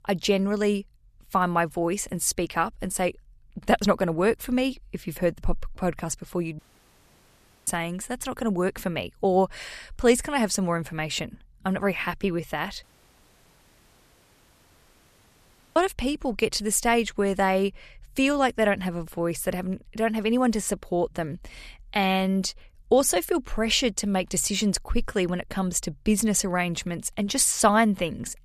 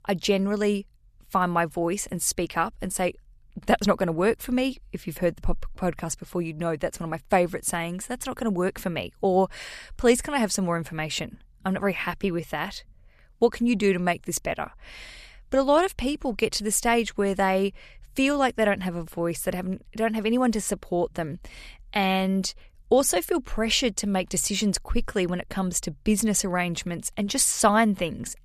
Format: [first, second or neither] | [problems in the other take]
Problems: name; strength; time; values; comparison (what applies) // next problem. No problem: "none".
second | audio cutting out; at 6.5 s for 1 s and at 13 s for 3 s